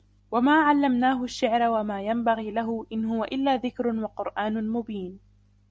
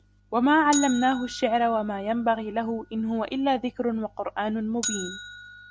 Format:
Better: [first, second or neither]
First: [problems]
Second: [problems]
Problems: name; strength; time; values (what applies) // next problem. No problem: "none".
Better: first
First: none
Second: background sound (Bell); 14 dB below the speech